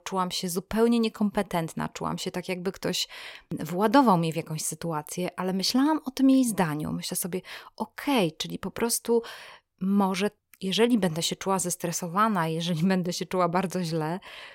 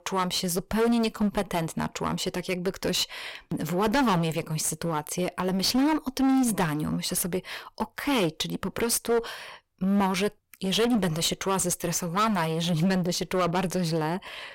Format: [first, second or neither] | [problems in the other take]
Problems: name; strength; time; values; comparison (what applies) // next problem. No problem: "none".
first | distortion; heavy; 14% of the sound clipped